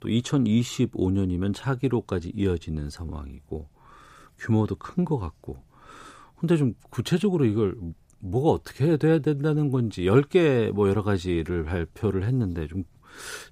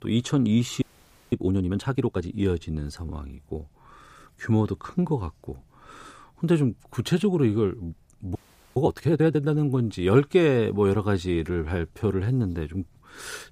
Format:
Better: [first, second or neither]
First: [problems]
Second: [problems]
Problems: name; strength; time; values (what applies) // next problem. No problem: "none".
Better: first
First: none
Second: audio freezing; at 1 s for 0.5 s and at 8.5 s